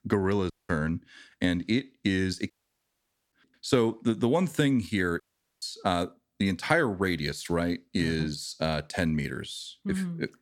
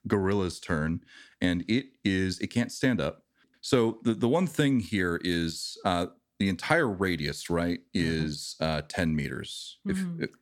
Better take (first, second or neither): second